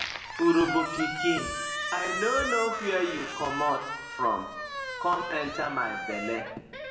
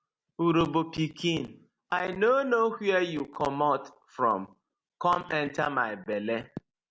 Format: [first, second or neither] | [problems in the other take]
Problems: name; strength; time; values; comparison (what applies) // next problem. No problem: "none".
second | background sound (Squeak); 5 dB below the speech // room echo; dies away in 0.9 s